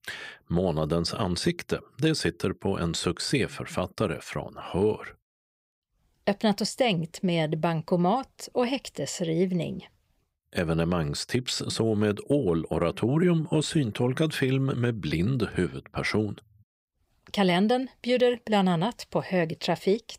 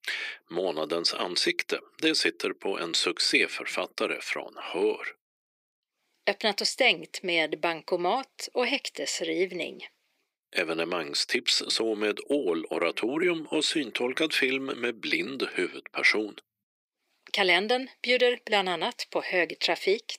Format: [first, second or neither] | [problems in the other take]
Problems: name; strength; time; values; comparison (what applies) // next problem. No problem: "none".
first | thin; somewhat; fading below 300 Hz